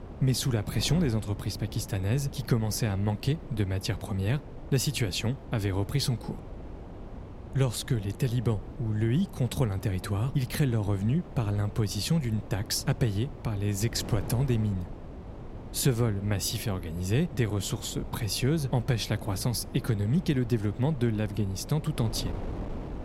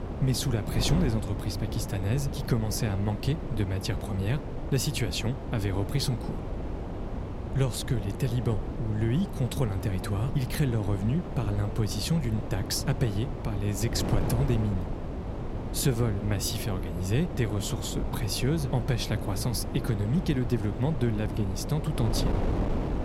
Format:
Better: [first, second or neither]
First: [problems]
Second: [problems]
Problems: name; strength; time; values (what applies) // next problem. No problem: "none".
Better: first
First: wind noise on the microphone; occasional gusts; 15 dB below the speech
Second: wind noise on the microphone; heavy; 5 dB below the speech